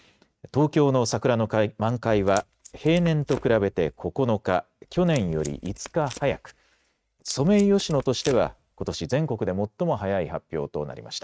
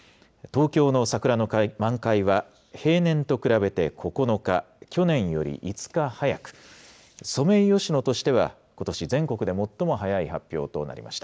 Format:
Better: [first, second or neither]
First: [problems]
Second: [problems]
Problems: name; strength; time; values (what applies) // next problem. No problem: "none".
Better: second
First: noise reduction (neural mask model RNNoise)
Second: none